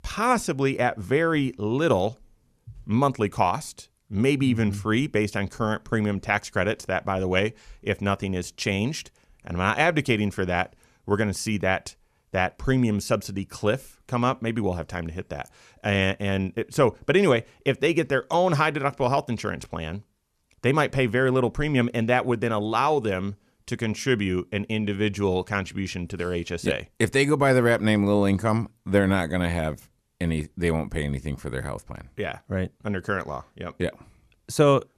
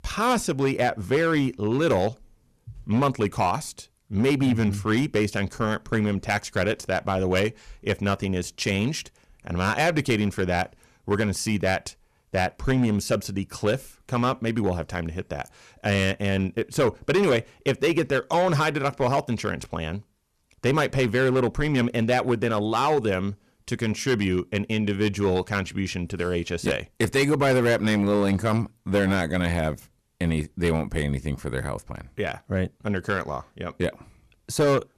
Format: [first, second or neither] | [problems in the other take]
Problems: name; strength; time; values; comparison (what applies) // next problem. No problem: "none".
first | distortion; slight; 5% of the sound clipped